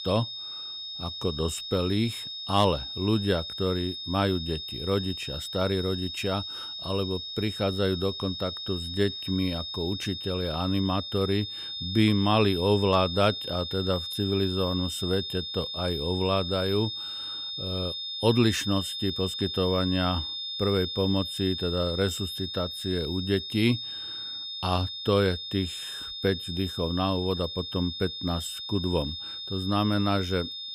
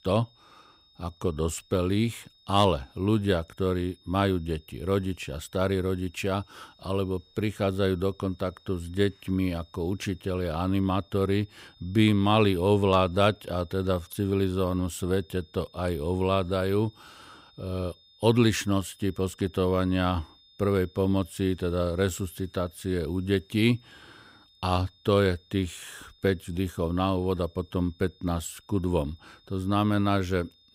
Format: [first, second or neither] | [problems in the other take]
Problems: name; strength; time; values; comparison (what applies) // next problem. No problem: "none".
second | high-pitched whine; loud; throughout; 3.5 kHz, 5 dB below the speech; faint in the second